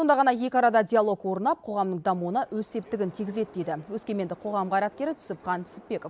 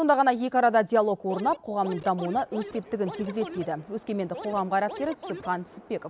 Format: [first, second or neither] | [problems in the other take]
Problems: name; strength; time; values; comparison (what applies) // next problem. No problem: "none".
first | background sound (Scratching (performance technique)); 13 dB below the speech